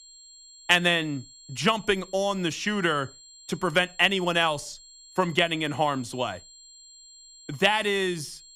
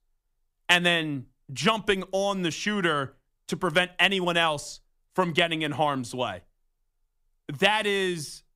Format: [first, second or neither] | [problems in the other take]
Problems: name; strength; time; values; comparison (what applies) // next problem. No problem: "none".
second | high-pitched whine; faint; throughout; 4 kHz, 20 dB below the speech